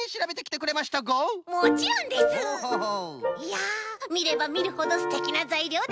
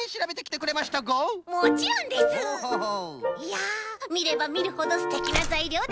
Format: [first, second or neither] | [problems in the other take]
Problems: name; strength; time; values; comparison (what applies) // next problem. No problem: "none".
first | background sound (Slam); 13 dB below the speech